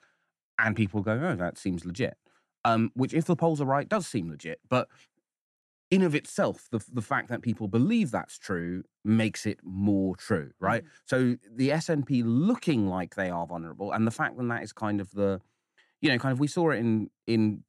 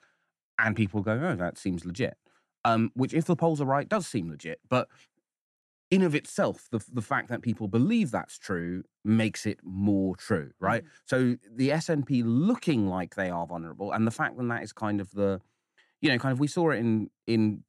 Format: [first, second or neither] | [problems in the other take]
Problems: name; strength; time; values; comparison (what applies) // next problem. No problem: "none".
neither | none